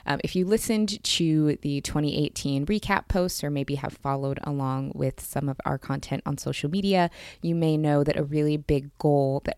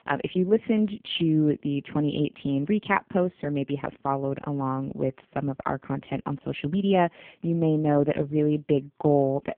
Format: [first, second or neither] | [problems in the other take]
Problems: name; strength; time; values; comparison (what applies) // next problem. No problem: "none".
first | phone-call audio; poor line; nothing above 3.5 kHz